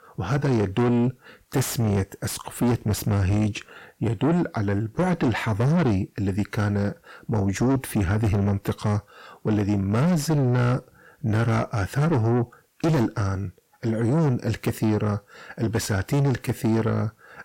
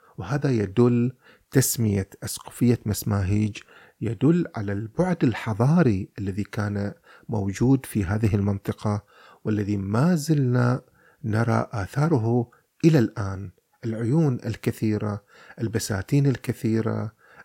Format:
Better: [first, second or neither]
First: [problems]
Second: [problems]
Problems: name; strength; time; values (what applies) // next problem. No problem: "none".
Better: second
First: distortion; heavy; 7 dB below the speech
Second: none